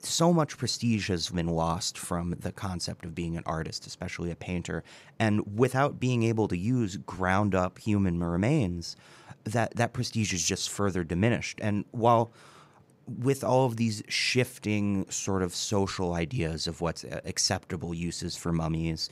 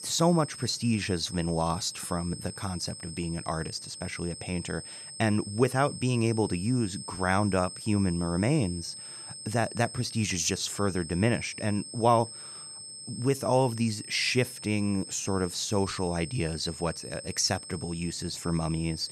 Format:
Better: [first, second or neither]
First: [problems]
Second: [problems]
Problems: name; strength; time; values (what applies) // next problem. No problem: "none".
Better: first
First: none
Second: high-pitched whine; noticeable; throughout; 8.5 kHz, 10 dB below the speech